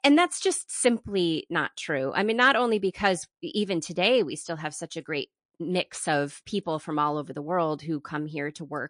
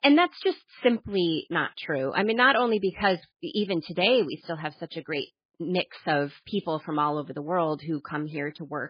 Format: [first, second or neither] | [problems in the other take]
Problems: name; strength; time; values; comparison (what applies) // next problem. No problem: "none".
first | garbled, watery; badly; nothing above 4.5 kHz; slightly in the first